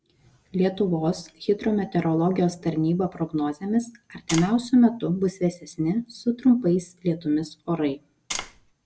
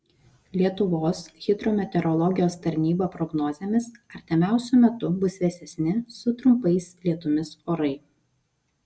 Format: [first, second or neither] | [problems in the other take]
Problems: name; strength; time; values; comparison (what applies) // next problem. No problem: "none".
second | background sound (Tap); 9 dB below the speech